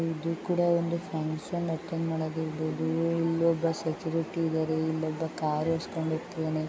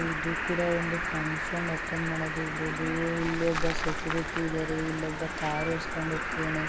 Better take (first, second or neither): first